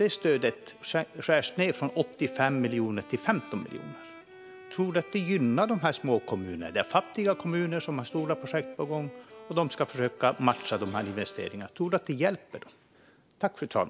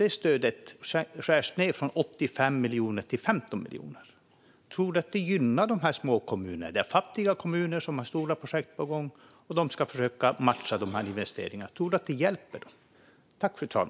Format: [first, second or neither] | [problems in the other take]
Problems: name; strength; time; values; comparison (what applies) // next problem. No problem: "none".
second | background sound (Bowed string instrument); 18 dB below the speech